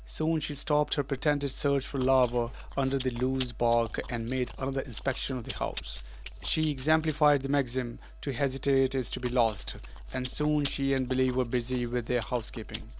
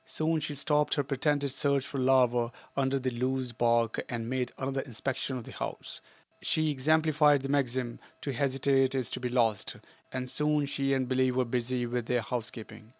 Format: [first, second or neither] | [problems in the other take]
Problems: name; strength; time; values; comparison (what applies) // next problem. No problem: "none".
second | background sound (Chewing, mastication); 12 dB below the speech